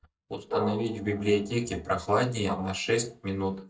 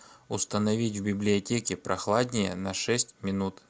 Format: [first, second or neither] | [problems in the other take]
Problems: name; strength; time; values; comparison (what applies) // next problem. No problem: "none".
second | noise reduction (neural mask model DeepFilterNet 3)